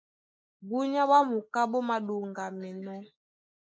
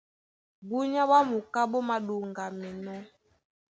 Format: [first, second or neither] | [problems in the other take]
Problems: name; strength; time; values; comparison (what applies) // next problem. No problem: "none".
second | noise reduction (neural mask model Resemble Enhance denoiser)